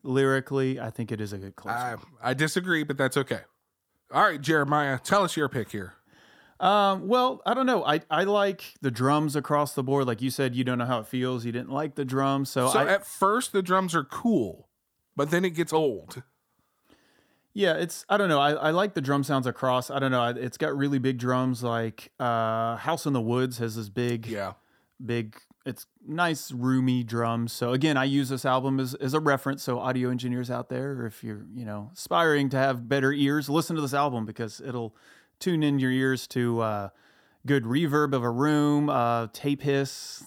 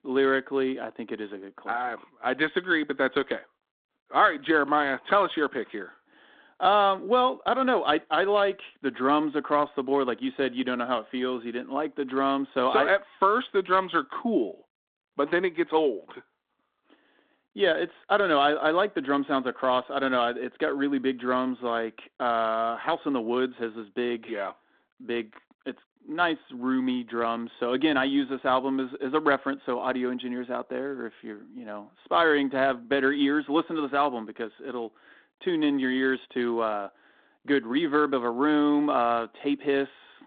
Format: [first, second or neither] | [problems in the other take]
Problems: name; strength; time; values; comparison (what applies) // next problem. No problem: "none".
first | phone-call audio